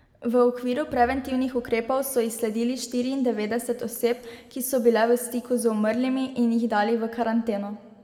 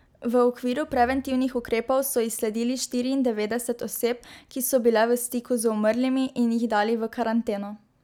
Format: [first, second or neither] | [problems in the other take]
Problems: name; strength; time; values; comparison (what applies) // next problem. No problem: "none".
second | room echo; dies away in 1.5 s